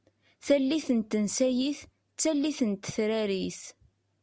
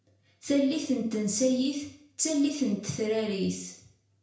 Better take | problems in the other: first | room echo; dies away in 0.5 s

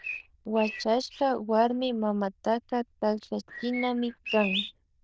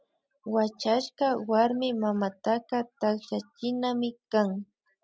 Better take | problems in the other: second | noise reduction (neural diffusion model UNIVERSE++)

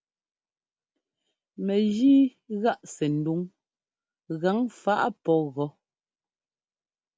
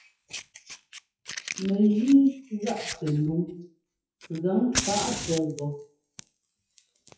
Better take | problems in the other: first | noise reduction (classical method WPE with log-MMSE)

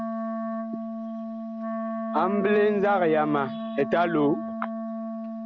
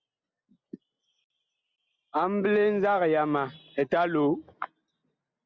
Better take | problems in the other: second | background sound (Wind instrument, woodwind instrument); 5 dB below the speech

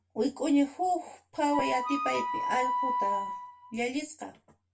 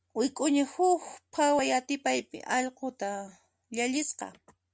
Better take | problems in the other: second | background sound (Wind instrument, woodwind instrument); as loud as the speech // room echo; dies away in 0.2 s

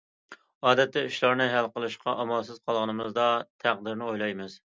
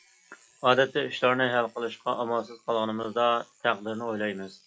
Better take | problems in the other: first | noise reduction (classical method log-MMSE)

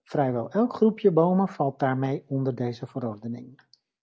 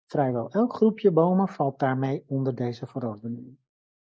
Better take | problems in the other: first | noise reduction (neural mask model Resemble Enhance denoiser)

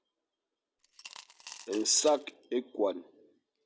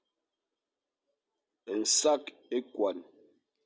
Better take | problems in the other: second | background sound (Coin (dropping) / Glass); 16 dB below the speech

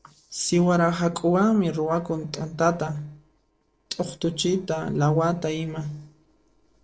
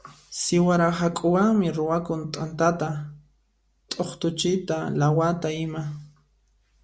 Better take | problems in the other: second | noise reduction (neural separator model SepFormer DNS4)

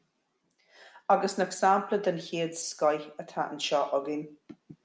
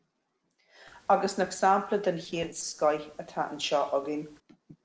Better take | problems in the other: first | noise reduction (neural separator model SepFormer DNS4)

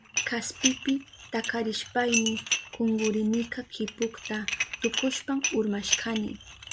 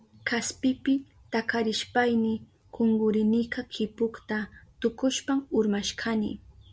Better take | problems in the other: second | background sound (Dishes, pots, and pans); 4 dB below the speech

